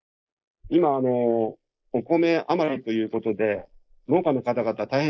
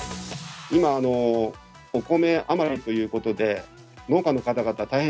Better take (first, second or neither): second